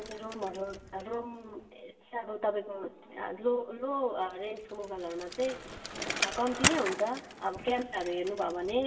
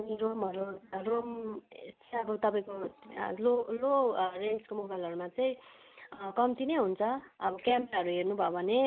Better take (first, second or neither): second